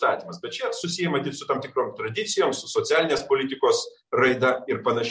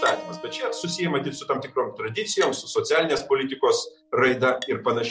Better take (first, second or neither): first